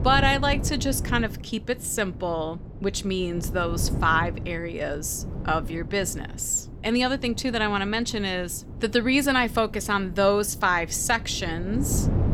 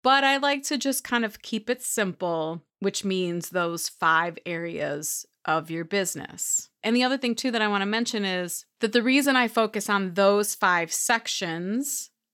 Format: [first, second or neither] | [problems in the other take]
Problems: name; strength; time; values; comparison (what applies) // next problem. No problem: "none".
second | wind noise on the microphone; occasional gusts; 15 dB below the speech